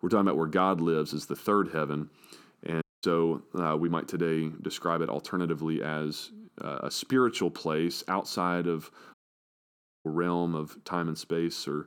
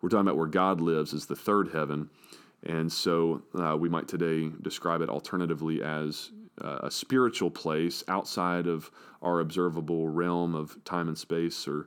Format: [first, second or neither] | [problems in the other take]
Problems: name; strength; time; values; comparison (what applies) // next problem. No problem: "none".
second | audio cutting out; at 3 s and at 9 s for 1 s